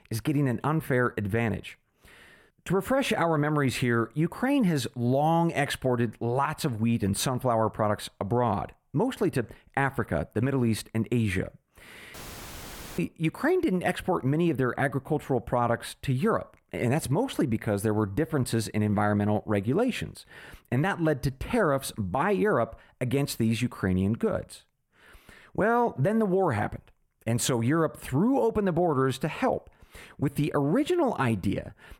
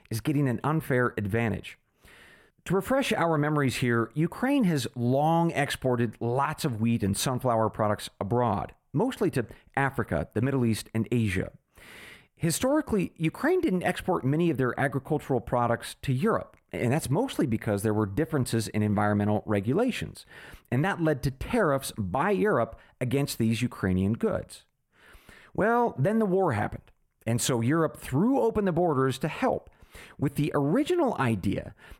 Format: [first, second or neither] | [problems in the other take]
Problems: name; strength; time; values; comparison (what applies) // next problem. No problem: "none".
second | audio cutting out; filled with static; at 12 s for 1 s